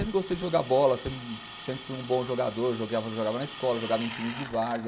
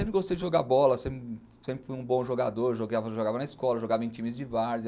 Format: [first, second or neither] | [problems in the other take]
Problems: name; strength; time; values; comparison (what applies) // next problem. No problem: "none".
second | background sound (Drill); 13 dB below the speech